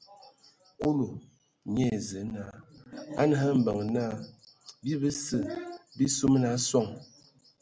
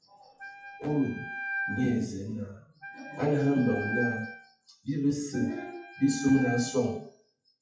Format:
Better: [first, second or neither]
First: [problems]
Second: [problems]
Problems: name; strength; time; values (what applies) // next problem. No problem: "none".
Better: first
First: none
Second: noise reduction (classical method WPE with log-MMSE)